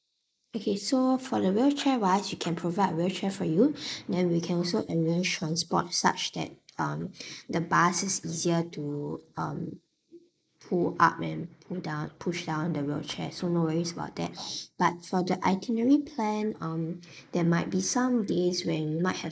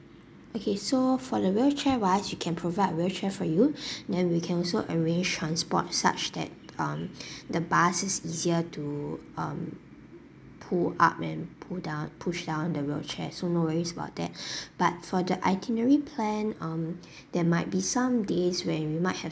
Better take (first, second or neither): second